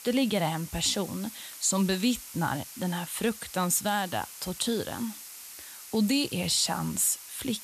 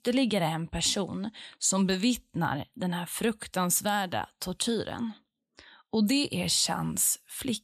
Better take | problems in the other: second | hiss; noticeable; throughout; 15 dB below the speech

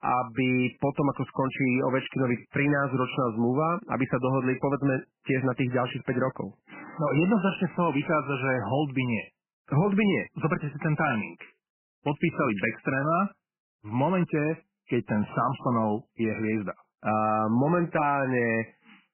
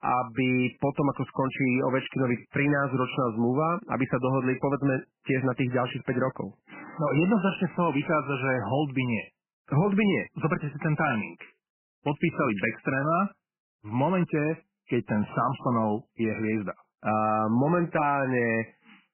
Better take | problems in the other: neither | garbled, watery; badly; nothing above 3 kHz; the same in both

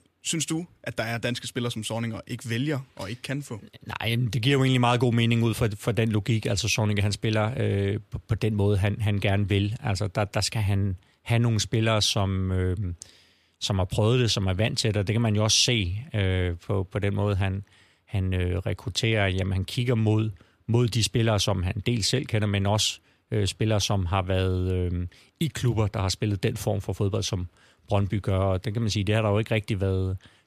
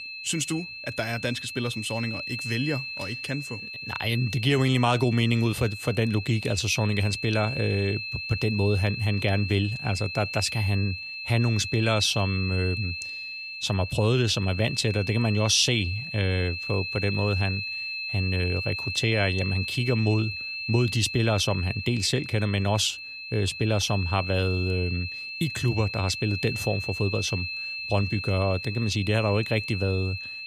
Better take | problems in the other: first | high-pitched whine; loud; throughout; 2.5 kHz, 6 dB below the speech

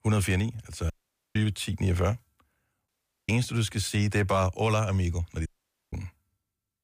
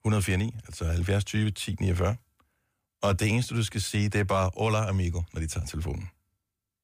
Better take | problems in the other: second | audio cutting out; at 1 s, at 3 s and at 5.5 s

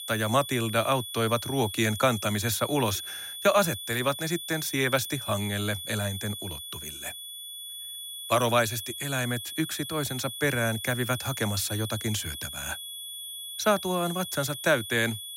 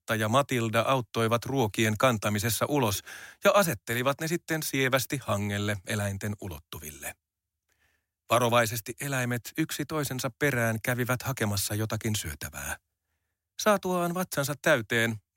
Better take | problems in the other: second | high-pitched whine; loud; throughout; 3.5 kHz, 8 dB below the speech

